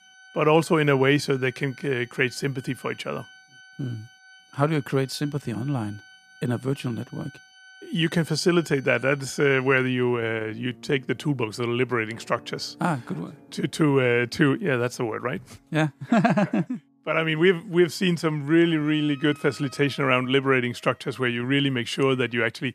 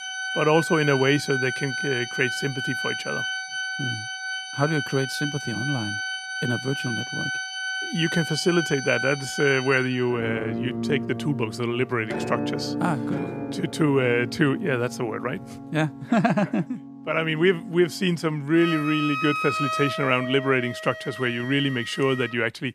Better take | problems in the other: first | background music; loud; throughout; 5 dB below the speech; faint in the first

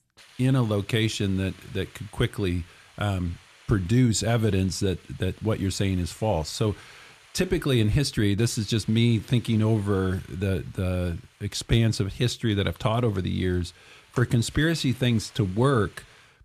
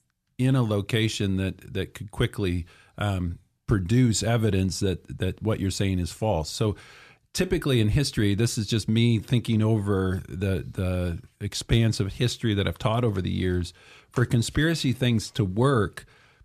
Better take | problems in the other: second | hiss; faint; throughout; 25 dB below the speech

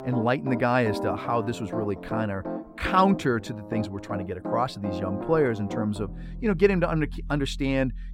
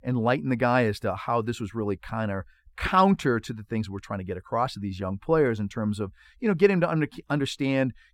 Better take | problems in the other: second | background music; loud; throughout; 9 dB below the speech

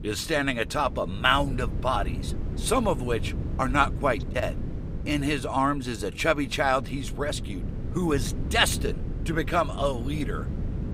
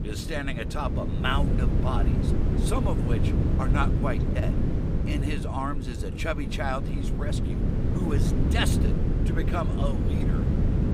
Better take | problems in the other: first | wind noise on the microphone; heavy; 3 dB below the speech; occasional gusts in the first

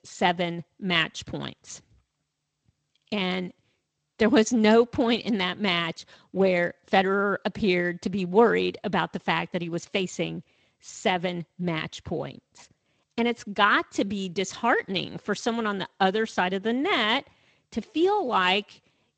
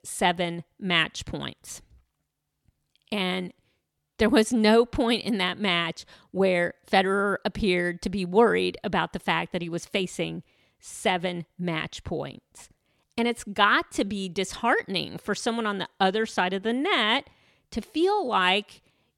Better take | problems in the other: second | garbled, watery; slightly; nothing above 7.5 kHz

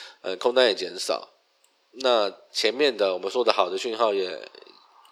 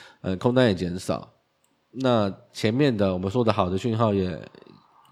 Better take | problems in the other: second | thin; very; fading below 400 Hz

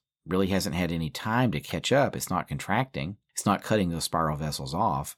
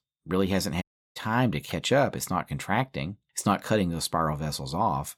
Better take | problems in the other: first | audio cutting out; at 1 s

